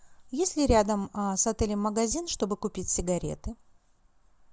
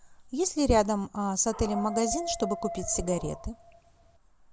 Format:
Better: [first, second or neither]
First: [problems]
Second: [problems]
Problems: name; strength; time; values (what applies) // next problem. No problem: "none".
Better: first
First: none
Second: background sound (Dog); 9 dB below the speech